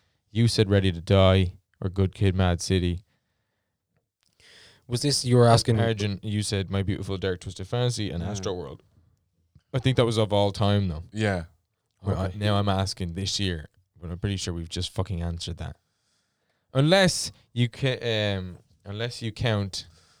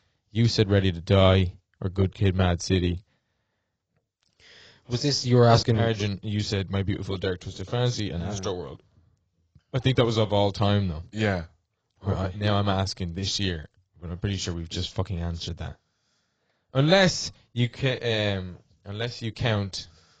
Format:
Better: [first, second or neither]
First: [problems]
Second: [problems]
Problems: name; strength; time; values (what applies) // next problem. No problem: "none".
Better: first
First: none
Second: garbled, watery; badly; nothing above 7.5 kHz